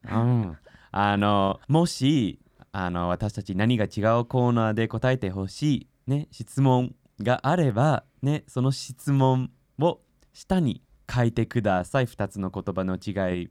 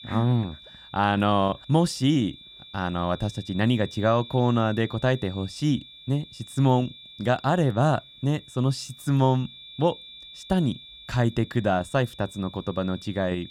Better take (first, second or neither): first